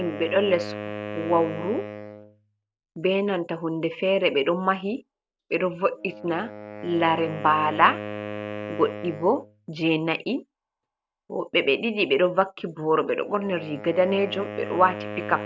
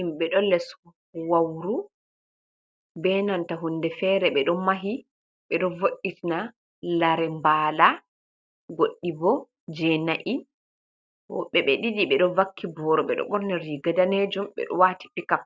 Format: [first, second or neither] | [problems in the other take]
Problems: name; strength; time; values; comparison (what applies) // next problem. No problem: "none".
second | background sound (Wind instrument, woodwind instrument); 12 dB below the speech